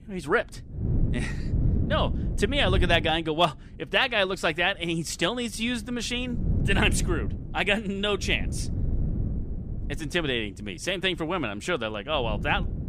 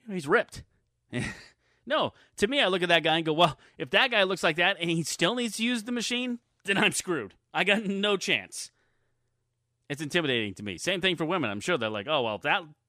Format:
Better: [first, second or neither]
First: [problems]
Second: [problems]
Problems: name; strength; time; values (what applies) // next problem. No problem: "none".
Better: second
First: wind noise on the microphone; occasional gusts; 15 dB below the speech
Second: none